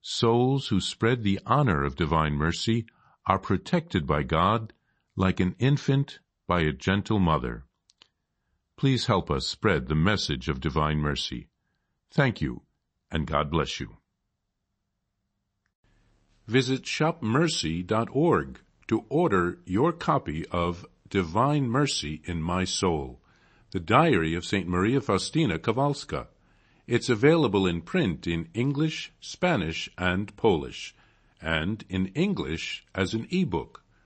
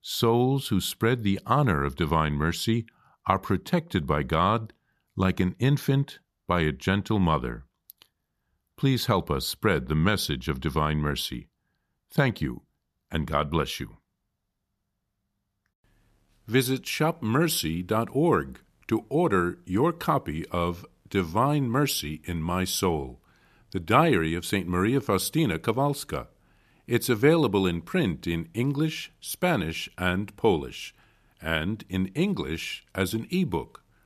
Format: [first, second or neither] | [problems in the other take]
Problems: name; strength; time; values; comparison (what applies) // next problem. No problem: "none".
second | garbled, watery; slightly; nothing above 8 kHz